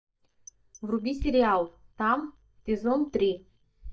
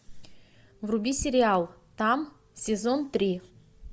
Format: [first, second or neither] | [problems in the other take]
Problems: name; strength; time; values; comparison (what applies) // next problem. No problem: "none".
second | noise reduction (neural mask model DeepFilterNet 3)